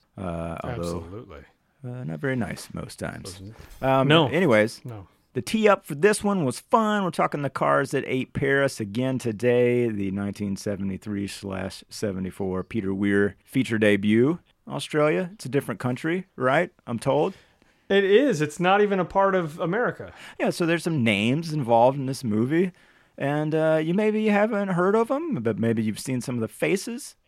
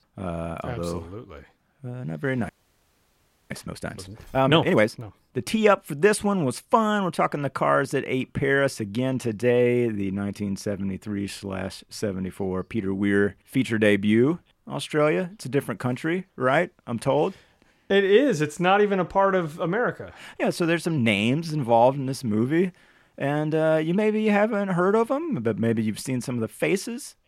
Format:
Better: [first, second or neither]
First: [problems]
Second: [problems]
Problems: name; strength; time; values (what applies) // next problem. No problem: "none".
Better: first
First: none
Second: audio freezing; at 2.5 s for 1 s